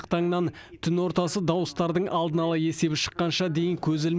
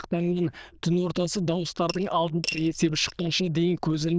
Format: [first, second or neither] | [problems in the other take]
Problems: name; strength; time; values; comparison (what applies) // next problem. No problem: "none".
first | noise reduction (neural diffusion model UNIVERSE++)